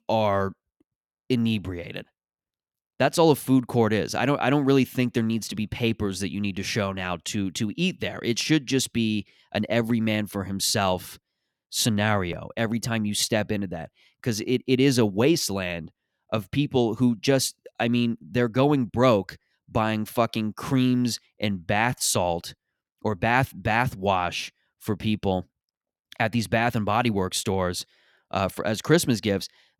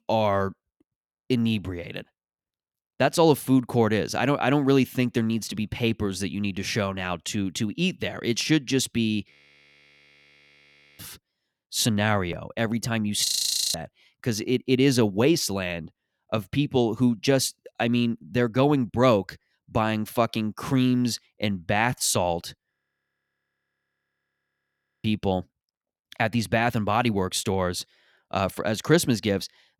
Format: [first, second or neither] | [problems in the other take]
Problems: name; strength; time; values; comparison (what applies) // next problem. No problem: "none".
first | audio freezing; at 9.5 s for 1.5 s, at 13 s and at 23 s for 2.5 s